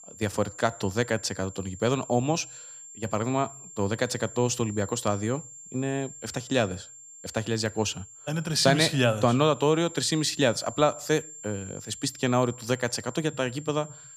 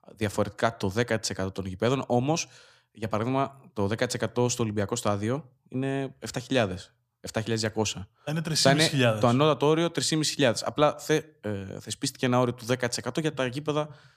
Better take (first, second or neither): second